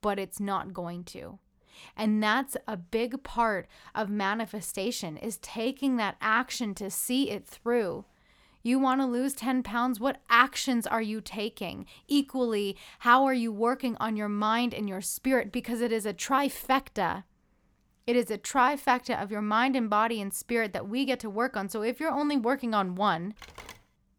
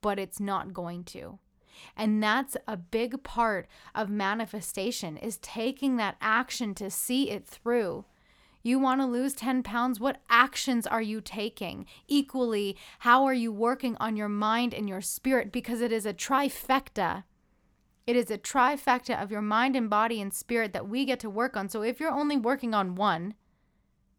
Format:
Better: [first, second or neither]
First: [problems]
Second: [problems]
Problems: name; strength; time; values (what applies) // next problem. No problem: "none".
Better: second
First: phone ringing; faint; at 23 s; peak 15 dB below the speech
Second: none